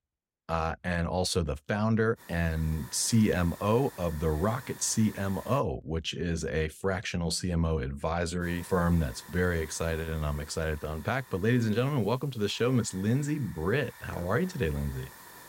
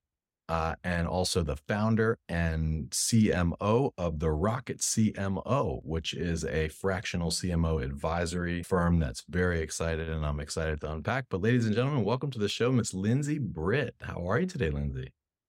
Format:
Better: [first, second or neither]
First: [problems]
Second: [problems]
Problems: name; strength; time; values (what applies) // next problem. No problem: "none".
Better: second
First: hiss; noticeable; from 2 to 5.5 s and from 8.5 s on; 20 dB below the speech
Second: none